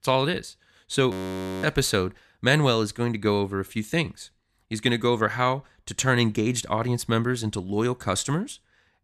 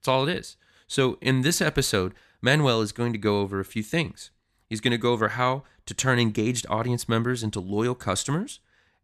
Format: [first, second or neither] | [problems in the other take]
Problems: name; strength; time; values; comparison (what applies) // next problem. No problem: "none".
second | audio freezing; at 1 s for 0.5 s